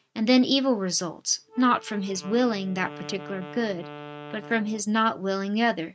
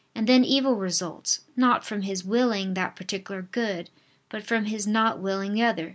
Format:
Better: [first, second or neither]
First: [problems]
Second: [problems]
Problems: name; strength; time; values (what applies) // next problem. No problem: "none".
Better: second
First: noise reduction (neural mask model RNNoise)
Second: none